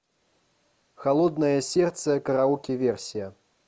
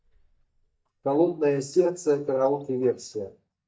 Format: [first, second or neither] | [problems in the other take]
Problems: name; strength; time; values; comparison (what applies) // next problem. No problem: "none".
first | noise reduction (neural mask model DeepFilterNet 3)